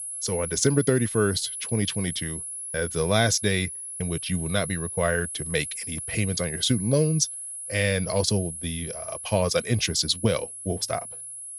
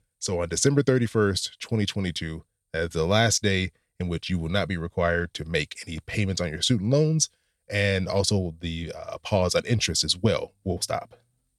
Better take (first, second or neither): second